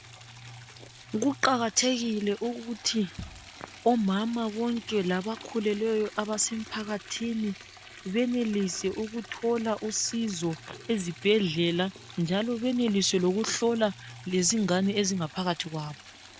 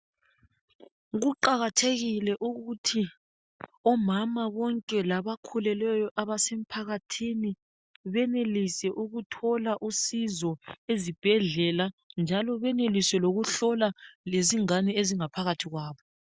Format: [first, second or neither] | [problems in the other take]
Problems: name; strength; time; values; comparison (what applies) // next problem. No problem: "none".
second | background sound (Liquid + Bass drum); 18 dB below the speech